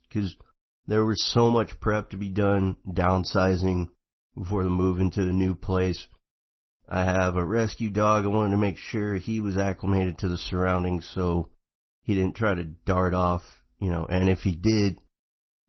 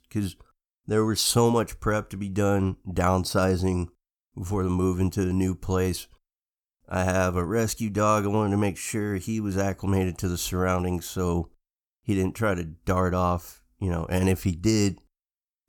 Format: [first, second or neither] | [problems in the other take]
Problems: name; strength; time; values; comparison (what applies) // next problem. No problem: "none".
second | garbled, watery; slightly; nothing above 6 kHz